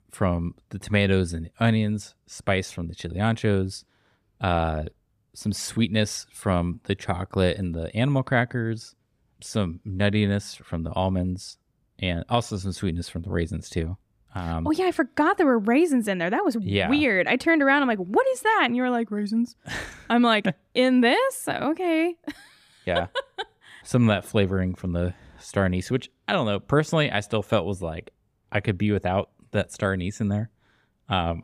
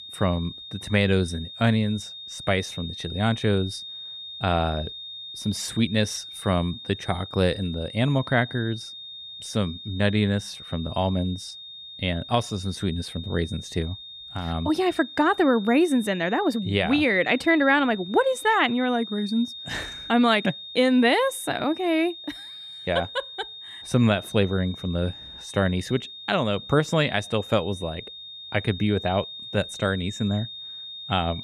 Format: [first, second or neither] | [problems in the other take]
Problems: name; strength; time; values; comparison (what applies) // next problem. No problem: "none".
first | high-pitched whine; noticeable; throughout; 3.5 kHz, 10 dB below the speech